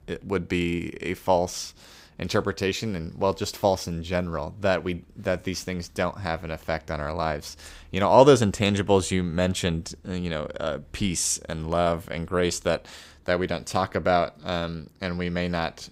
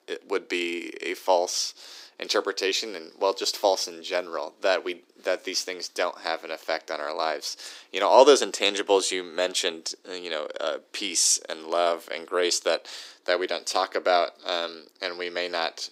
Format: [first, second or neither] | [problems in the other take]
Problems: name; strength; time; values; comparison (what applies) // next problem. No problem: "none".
first | thin; somewhat; fading below 300 Hz